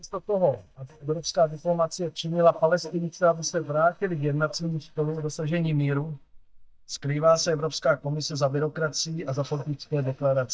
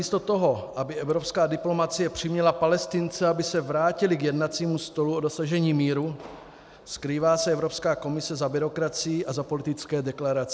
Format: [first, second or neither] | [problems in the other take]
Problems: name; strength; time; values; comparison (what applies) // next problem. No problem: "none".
second | noise reduction (neural mask model DeepFilterNet 3)